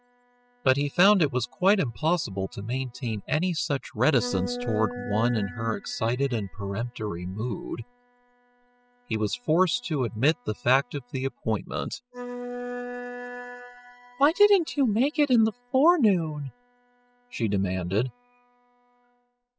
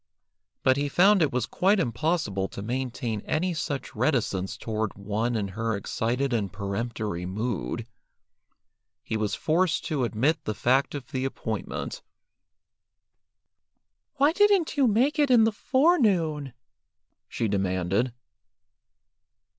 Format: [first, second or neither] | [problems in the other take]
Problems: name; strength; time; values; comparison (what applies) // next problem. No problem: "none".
second | noise reduction (classical method spectral subtraction)